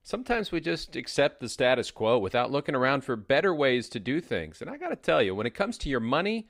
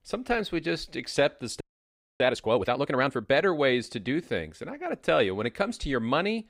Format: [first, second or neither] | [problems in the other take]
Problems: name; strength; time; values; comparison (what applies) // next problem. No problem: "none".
first | audio freezing; at 1.5 s for 0.5 s